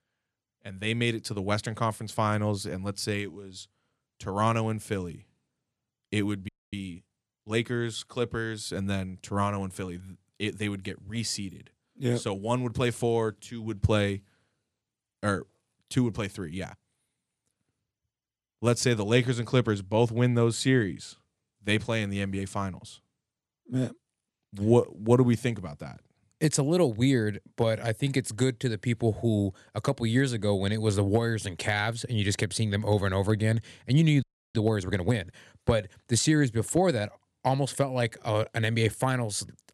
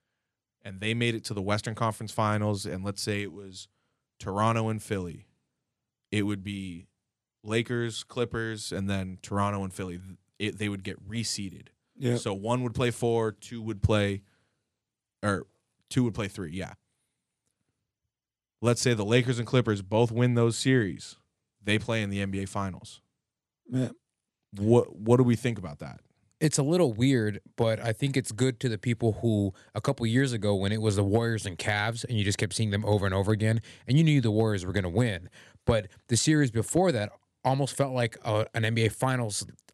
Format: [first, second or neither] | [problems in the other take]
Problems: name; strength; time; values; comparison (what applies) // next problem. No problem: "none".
second | audio freezing; at 6.5 s and at 34 s